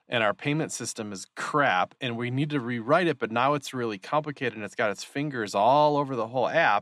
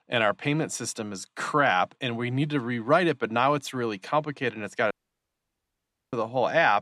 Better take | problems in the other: first | audio cutting out; at 5 s for 1 s

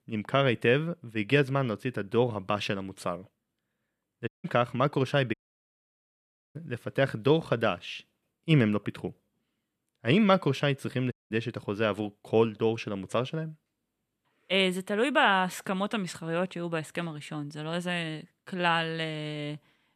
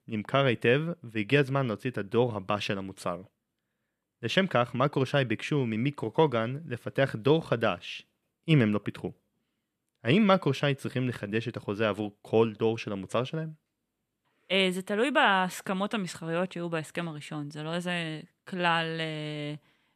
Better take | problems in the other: second | audio cutting out; at 4.5 s, at 5.5 s for 1 s and at 11 s

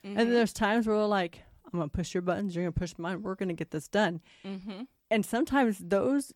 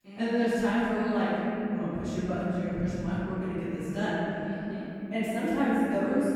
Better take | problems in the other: first | room echo; strong; dies away in 3 s // off-mic speech; far

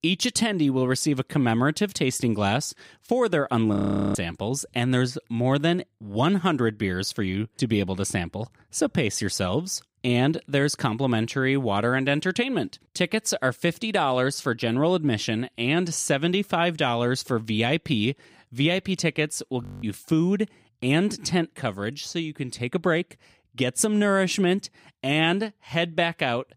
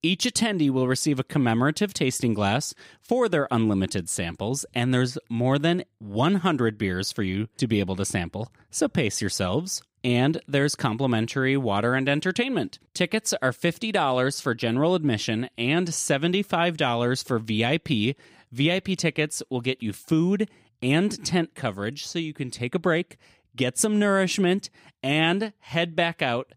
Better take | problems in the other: second | audio freezing; at 4 s and at 20 s

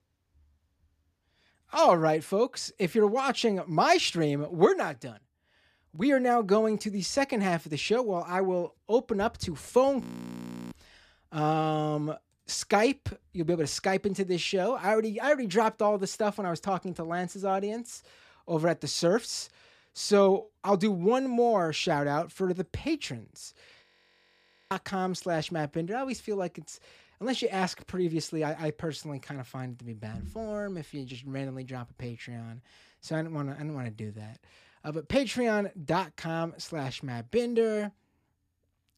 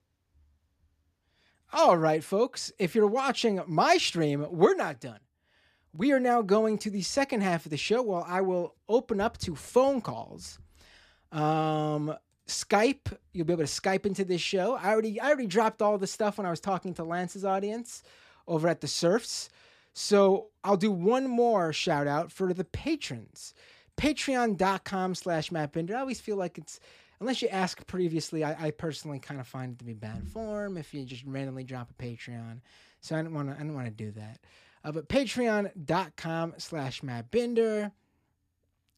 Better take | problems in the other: second | audio freezing; at 10 s for 0.5 s and at 24 s for 1 s

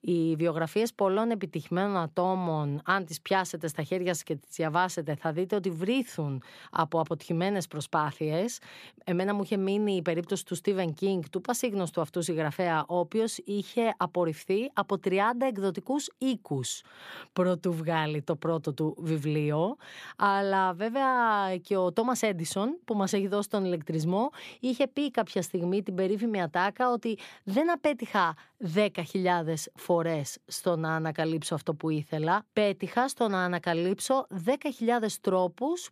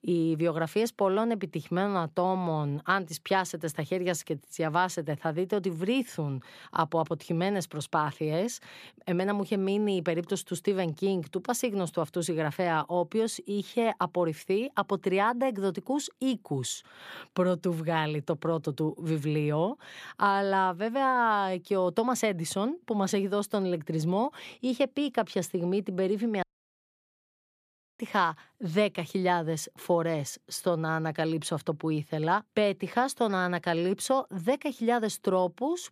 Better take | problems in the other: first | audio cutting out; at 26 s for 1.5 s

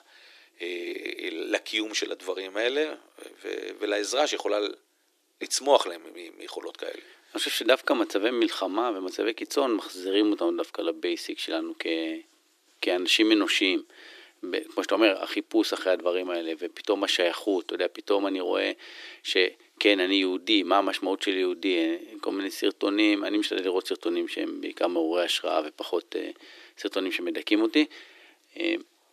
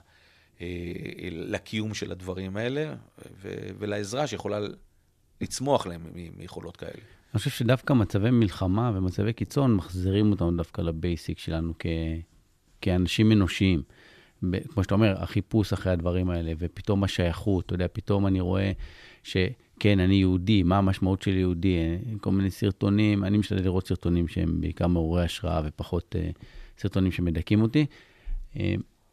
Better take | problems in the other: second | thin; very; fading below 300 Hz

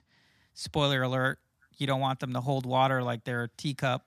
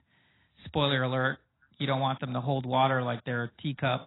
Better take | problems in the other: first | garbled, watery; badly; nothing above 4 kHz

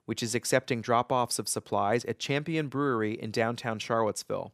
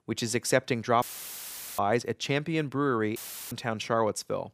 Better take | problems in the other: first | audio cutting out; filled with static; at 1 s for 1 s and at 3 s

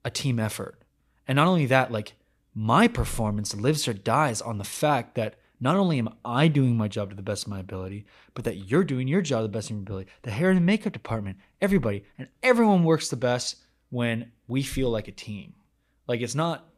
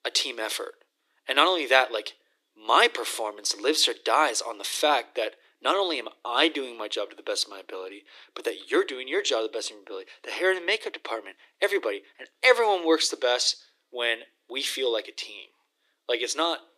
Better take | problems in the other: first | thin; very; fading below 300 Hz

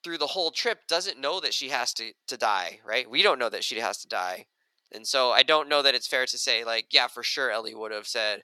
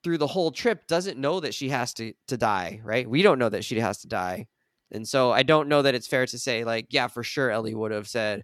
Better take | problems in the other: second | thin; very; fading below 600 Hz

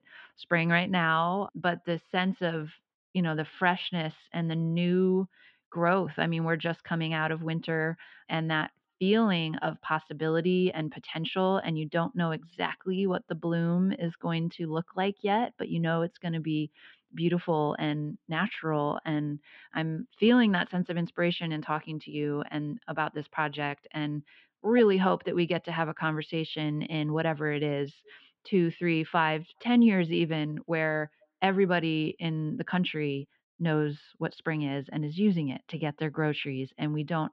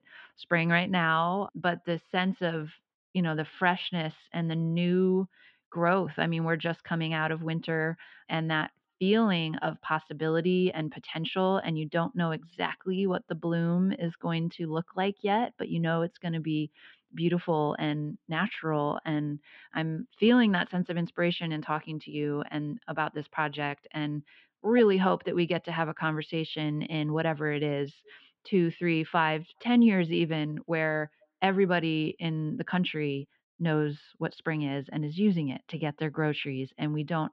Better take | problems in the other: neither | muffled; slightly; fading above 3.5 kHz; the same in both

